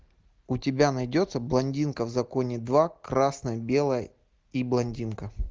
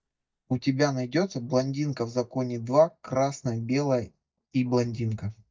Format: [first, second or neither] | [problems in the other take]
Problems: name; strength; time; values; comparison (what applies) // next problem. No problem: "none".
first | noise reduction (neural mask model DeepFilterNet 3)